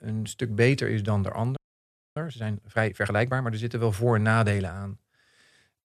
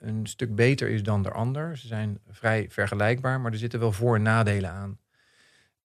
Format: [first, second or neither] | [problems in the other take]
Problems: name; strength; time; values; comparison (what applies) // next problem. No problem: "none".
second | audio freezing; at 1.5 s for 0.5 s